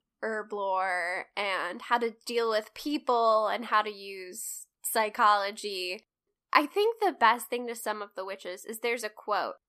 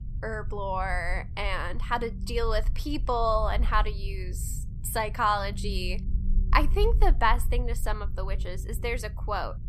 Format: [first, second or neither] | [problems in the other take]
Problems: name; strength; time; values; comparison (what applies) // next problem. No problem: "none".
first | low rumble; faint; throughout; 20 dB below the speech